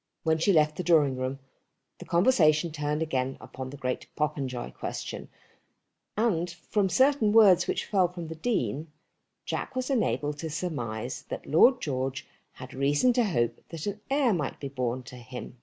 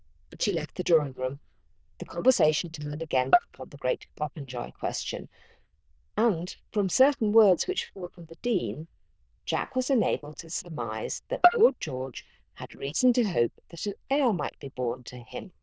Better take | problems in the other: first | noise reduction (neural diffusion model UNIVERSE++)

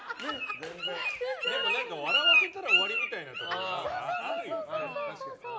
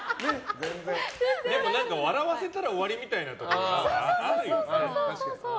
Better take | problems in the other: second | background sound (Bird); 4 dB above the speech

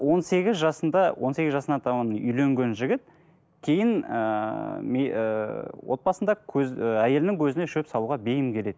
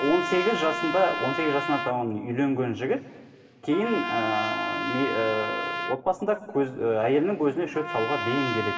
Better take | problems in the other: first | background sound (Trumpet); 6 dB below the speech // room echo; dies away in 2.1 s

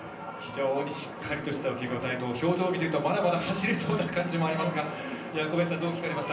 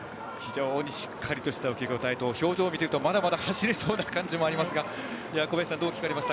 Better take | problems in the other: second | background sound (Cough); 17 dB below the speech // room echo; dies away in 0.6 s

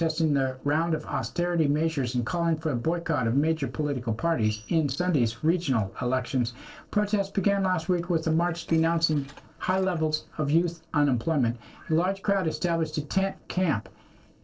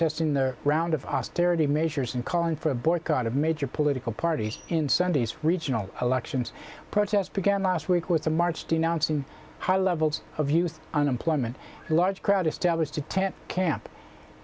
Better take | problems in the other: second | noise reduction (neural separator model SepFormer DNS4)

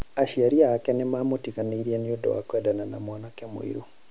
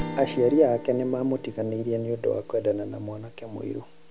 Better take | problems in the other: first | background sound (Strum); 15 dB below the speech

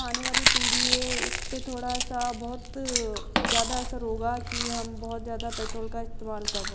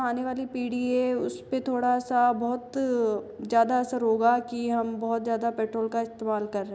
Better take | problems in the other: second | background sound (Water / Splash, splatter + Chewing, mastication); 5 dB above the speech

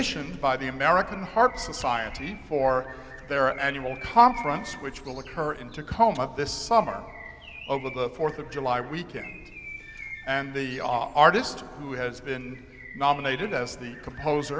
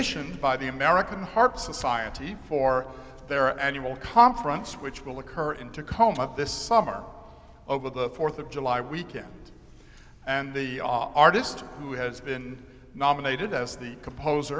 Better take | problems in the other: second | background sound (Bird); 19 dB below the speech

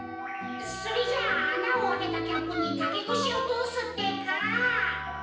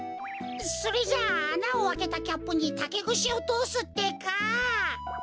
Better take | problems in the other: second | background sound (Wind instrument, woodwind instrument); 8 dB below the speech // room echo; dies away in 0.9 s

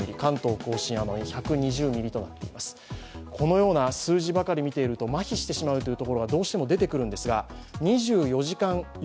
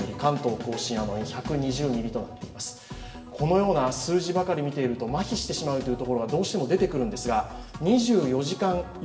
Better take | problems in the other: first | room echo; dies away in 0.9 s

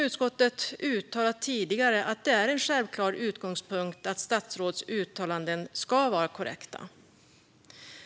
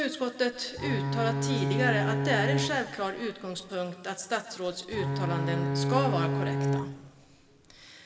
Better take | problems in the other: first | background sound (Bowed string instrument); 2 dB above the speech // room echo; dies away in 1.9 s

